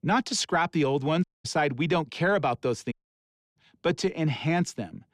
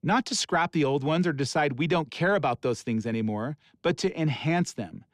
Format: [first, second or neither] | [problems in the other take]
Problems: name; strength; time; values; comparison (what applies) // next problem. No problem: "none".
second | audio cutting out; at 1 s and at 3 s for 0.5 s